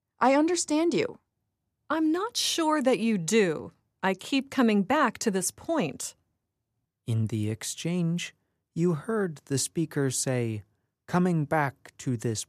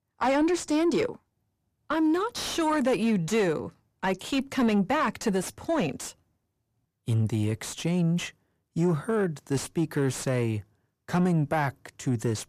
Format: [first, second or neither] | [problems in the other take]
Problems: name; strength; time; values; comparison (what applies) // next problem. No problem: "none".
first | distortion; slight; 10 dB below the speech